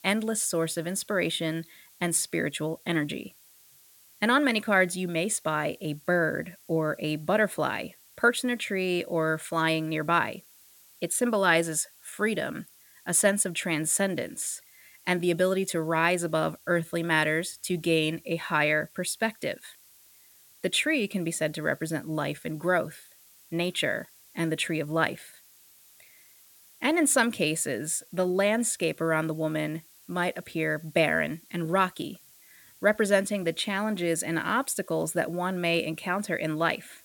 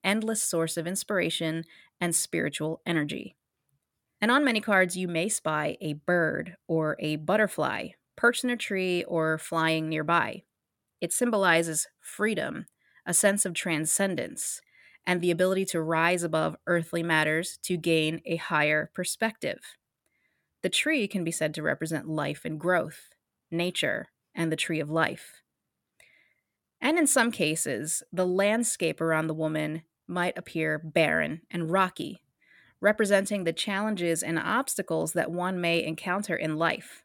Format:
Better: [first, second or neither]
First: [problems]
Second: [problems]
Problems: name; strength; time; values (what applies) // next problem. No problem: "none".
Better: second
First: hiss; faint; throughout; 25 dB below the speech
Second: none